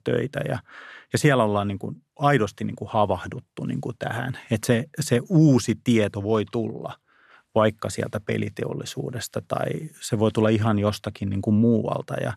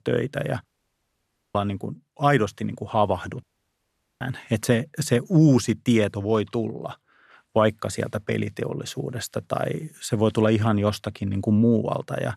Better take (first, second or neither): first